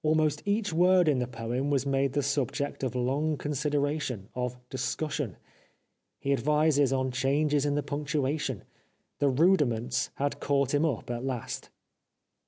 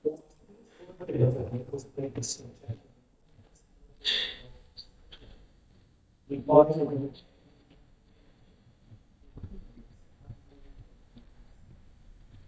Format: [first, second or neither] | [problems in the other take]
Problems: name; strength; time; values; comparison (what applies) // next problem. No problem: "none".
first | noise reduction (neural mask model DeepFilterNet 3)